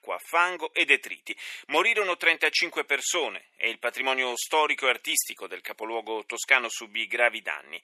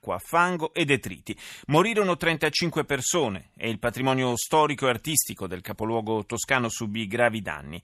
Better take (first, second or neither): second